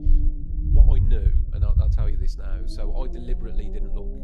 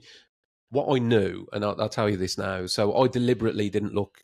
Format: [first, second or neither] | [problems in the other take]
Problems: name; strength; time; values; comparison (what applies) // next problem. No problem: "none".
second | low rumble; loud; throughout; as loud as the speech